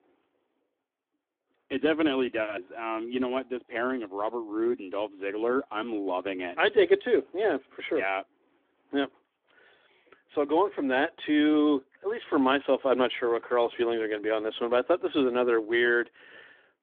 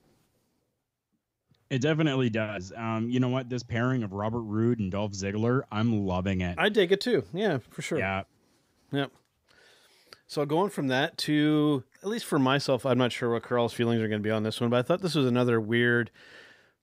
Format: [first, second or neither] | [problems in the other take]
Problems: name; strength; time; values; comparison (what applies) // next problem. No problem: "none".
second | phone-call audio; nothing above 3.5 kHz